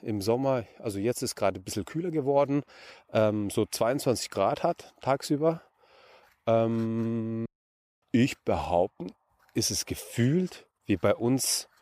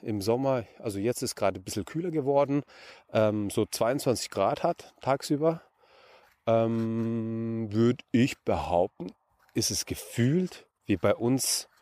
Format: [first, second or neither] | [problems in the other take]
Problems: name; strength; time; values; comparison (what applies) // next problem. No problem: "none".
second | audio cutting out; at 7.5 s for 0.5 s